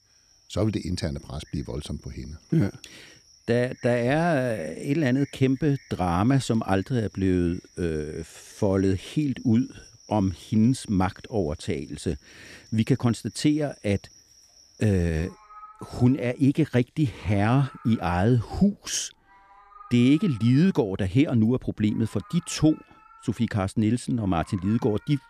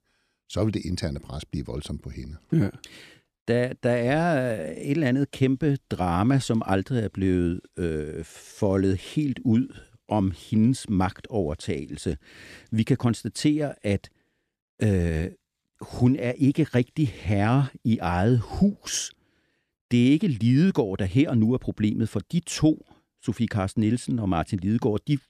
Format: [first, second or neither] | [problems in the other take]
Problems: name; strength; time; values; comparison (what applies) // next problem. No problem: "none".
second | animal sounds; faint; throughout; 25 dB below the speech